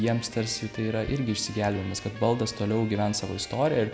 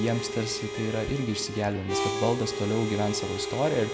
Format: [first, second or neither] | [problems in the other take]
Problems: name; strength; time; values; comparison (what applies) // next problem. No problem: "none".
first | background sound (Harmonica); 5 dB below the speech